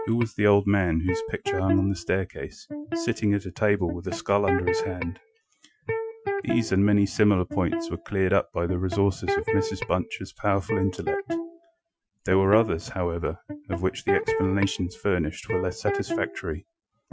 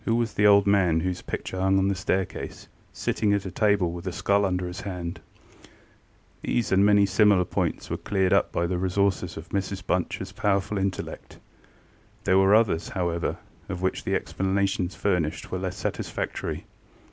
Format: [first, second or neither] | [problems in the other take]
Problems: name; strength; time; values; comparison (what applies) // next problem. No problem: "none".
second | noise reduction (classical method Wiener filter)